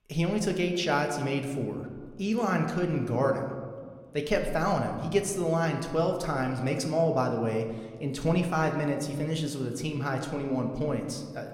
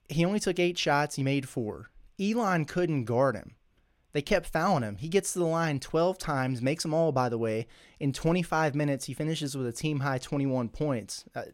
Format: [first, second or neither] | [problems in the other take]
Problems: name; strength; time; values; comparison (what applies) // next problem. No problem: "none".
second | room echo; slight; dies away in 1.3 s